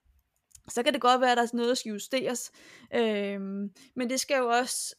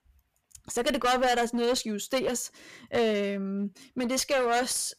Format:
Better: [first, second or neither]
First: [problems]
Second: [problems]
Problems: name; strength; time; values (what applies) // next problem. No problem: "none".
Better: first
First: none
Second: distortion; heavy; 9% of the sound clipped